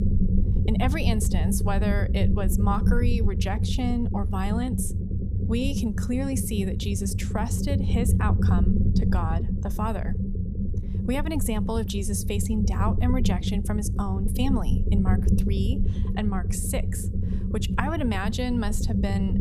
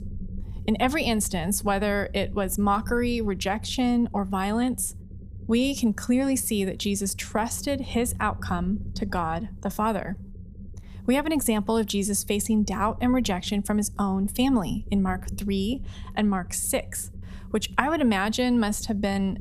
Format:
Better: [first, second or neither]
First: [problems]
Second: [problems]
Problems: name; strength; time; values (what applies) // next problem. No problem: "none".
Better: second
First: low rumble; loud; throughout; 6 dB below the speech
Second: low rumble; faint; throughout; 25 dB below the speech